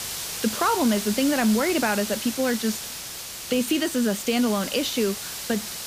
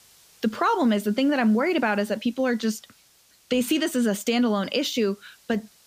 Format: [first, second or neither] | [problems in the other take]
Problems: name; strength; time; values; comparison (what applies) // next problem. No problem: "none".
second | hiss; loud; throughout; 6 dB below the speech; faint in the second